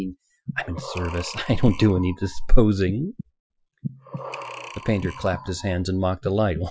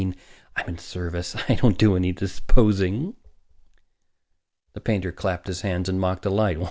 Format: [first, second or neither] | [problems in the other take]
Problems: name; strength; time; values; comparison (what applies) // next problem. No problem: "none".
second | noise reduction (classical method Wiener filter)